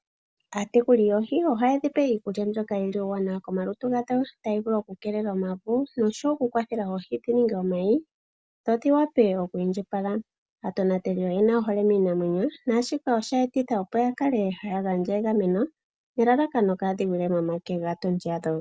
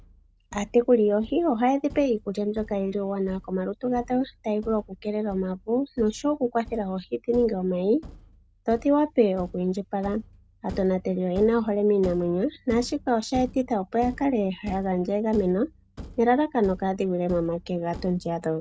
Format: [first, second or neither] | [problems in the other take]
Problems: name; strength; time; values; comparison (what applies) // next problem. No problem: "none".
first | background sound (Thump, thud); 19 dB below the speech